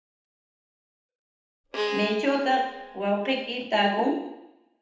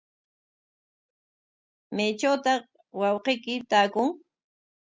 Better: second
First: background sound (Bowed string instrument); 6 dB below the speech // room echo; dies away in 0.8 s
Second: none

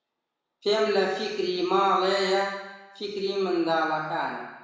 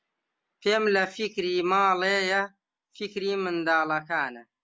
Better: second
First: room echo; dies away in 1 s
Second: none

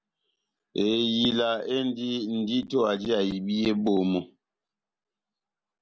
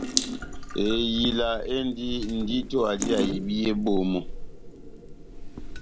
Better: first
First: none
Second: background sound (Drip / Sink (filling or washing) / Water tap, faucet); 5 dB below the speech

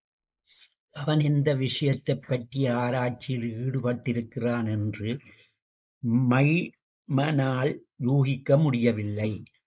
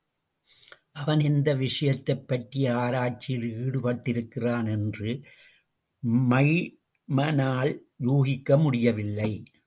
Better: second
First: noise reduction (neural mask model Resemble Enhance denoiser)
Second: none

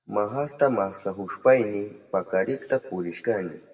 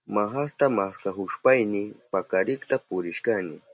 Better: second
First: room echo; dies away in 1.1 s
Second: none

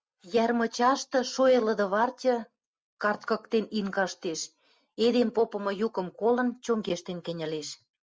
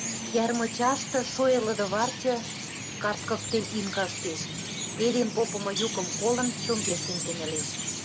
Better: first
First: none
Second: background sound (Chirp, tweet); 5 dB below the speech

